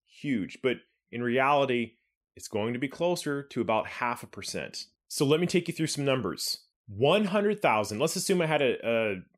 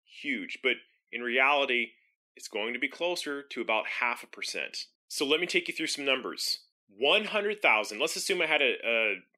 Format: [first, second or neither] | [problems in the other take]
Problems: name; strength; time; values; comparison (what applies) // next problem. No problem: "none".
first | thin; very slightly; fading below 250 Hz